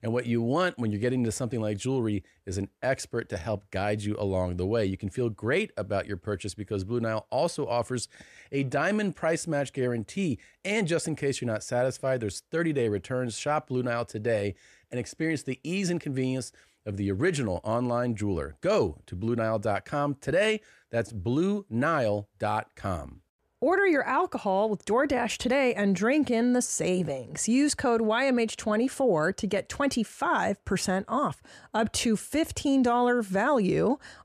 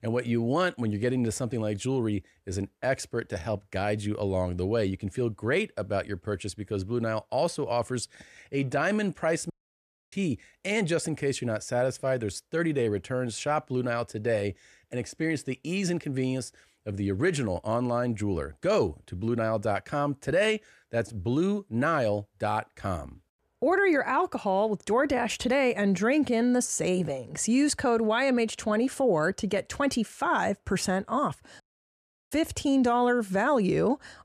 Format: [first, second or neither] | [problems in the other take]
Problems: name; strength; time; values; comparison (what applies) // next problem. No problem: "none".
first | audio cutting out; at 9.5 s for 0.5 s and at 32 s for 0.5 s